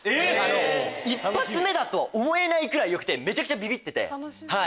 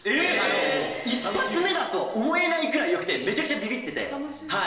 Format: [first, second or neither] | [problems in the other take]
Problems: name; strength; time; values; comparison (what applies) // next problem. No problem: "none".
first | room echo; dies away in 1 s